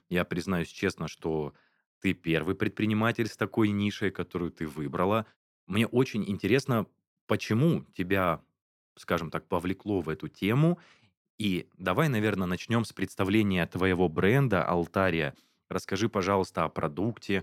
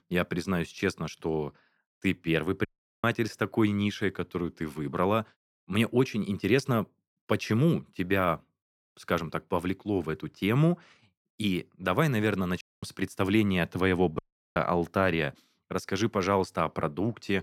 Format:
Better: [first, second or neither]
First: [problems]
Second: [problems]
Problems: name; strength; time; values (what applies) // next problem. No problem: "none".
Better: first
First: none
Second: audio cutting out; at 2.5 s, at 13 s and at 14 s